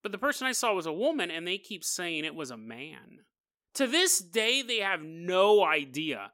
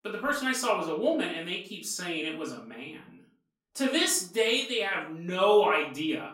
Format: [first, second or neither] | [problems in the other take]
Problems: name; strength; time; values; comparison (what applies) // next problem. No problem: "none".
first | off-mic speech; far // room echo; slight; dies away in 0.4 s